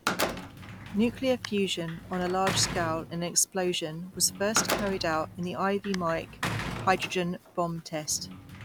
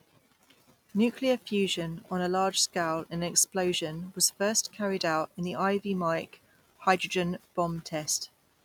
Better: second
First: background sound (Slam + Sliding door / Slam); 7 dB below the speech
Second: none

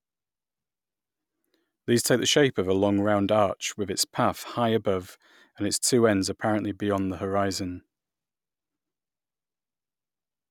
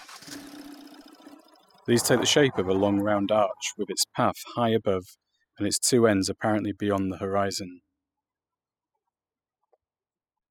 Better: first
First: none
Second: noise reduction (classical method spectral subtraction)

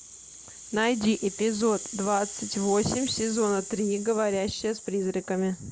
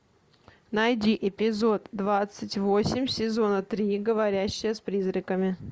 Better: second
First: background sound (Rattle (instrument)); 11 dB below the speech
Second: none

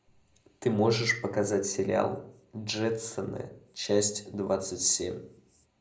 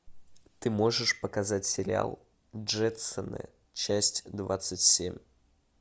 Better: second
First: room echo; dies away in 0.5 s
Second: none

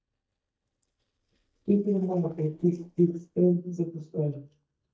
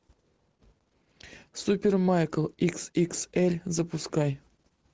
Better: second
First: noise reduction (neural mask model DeepFilterNet 3)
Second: none

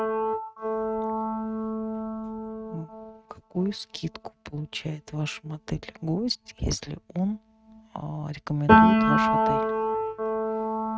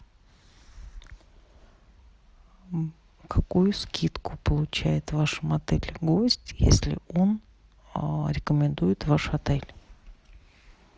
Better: second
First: noise reduction (neural mask model RNNoise)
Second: none

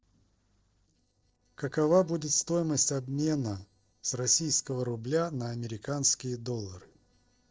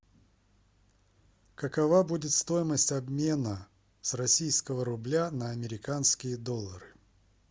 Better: second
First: noise reduction (neural separator model SepFormer DNS4)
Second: none

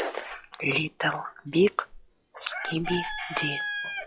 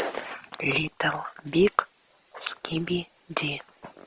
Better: second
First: noise reduction (classical method log-MMSE)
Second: none

